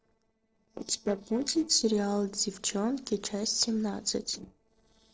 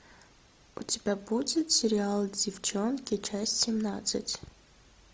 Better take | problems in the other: second | noise reduction (neural separator model SepFormer DNS4)

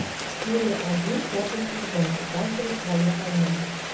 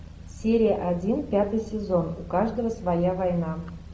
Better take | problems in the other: second | background sound (Rain); 6 dB below the speech // room echo; dies away in 0.3 s

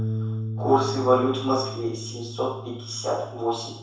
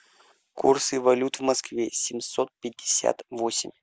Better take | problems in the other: second | background sound (Bass guitar); 6 dB below the speech // room echo; dies away in 0.7 s

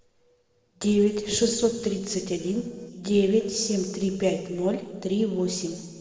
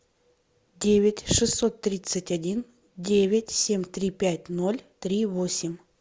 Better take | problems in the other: second | noise reduction (neural separator model SepFormer DNS4)

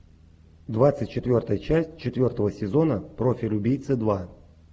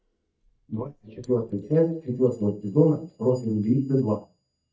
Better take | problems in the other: first | noise reduction (neural mask model DeepFilterNet 3)

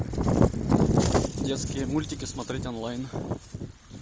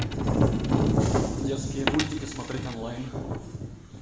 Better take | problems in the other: first | background sound (Coin (dropping)); 12 dB below the speech // room echo; dies away in 1.1 s

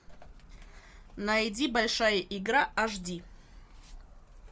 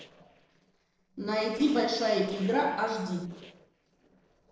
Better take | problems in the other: first | noise reduction (neural separator model SepFormer DNS4)

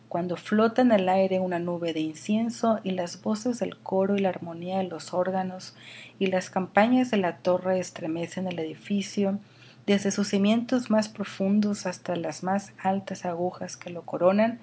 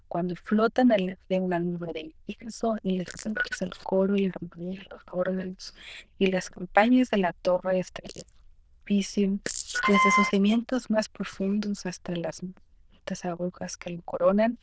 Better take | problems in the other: first | noise reduction (neural diffusion model UNIVERSE++)

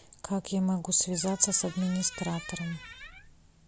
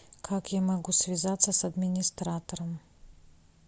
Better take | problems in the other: second | background sound (Squeak); 16 dB below the speech

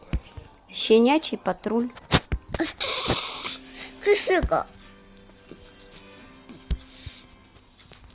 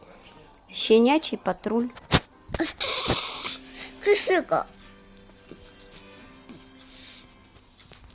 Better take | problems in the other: second | background sound (Thump, thud); 12 dB below the speech

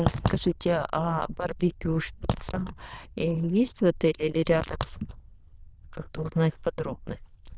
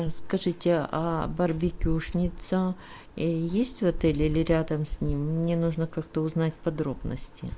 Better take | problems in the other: second | noise reduction (neural diffusion model UNIVERSE++)

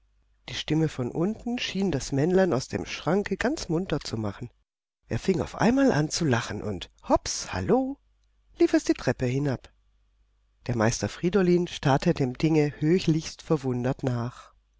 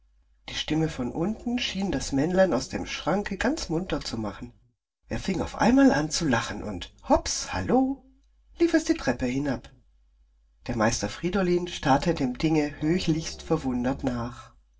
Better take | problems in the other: first | noise reduction (neural separator model SepFormer DNS4)

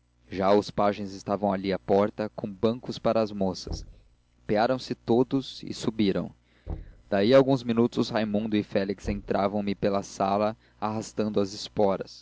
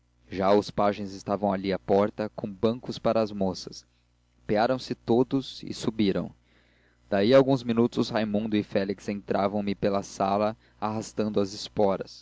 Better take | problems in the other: second | background sound (Knock); 18 dB below the speech

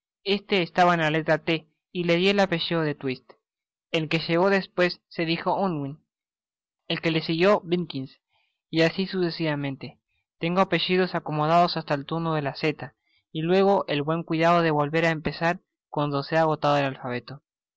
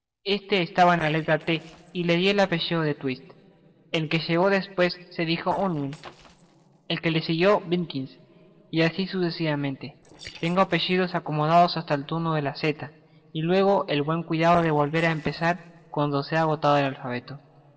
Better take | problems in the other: first | noise reduction (neural separator model SepFormer DNS4)

